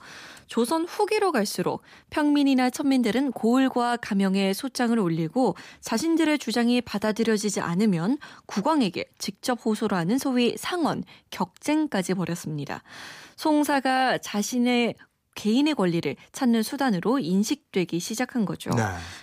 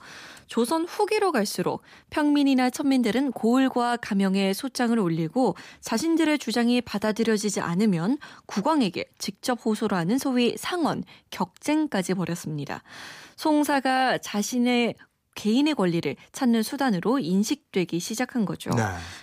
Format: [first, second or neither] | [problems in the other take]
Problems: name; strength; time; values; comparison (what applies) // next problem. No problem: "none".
neither | none